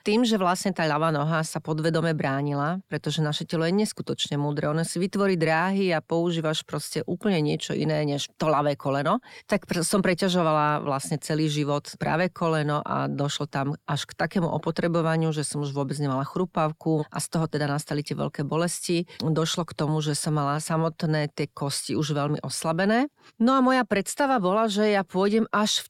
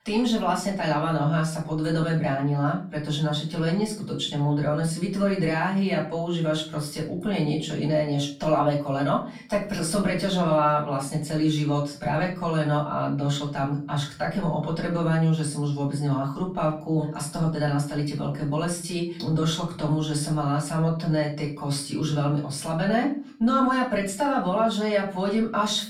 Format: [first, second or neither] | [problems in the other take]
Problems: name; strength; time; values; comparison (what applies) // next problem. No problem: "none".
first | room echo; slight; dies away in 0.4 s // off-mic speech; far